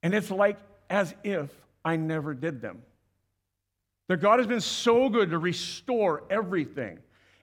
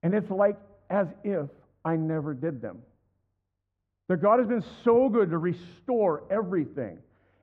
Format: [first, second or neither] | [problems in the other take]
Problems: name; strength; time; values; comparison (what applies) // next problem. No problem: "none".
first | muffled; very; fading above 2.5 kHz